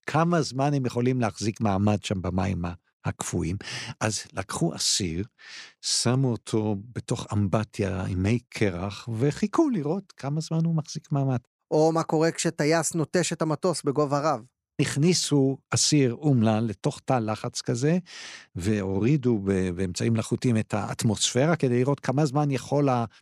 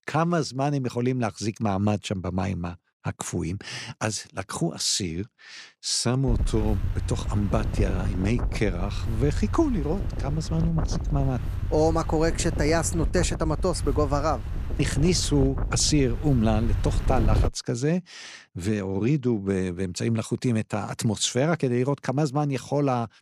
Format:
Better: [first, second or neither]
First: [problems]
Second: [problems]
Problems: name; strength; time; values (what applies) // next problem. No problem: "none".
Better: first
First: none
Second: wind noise on the microphone; occasional gusts; from 6.5 to 17 s; 10 dB below the speech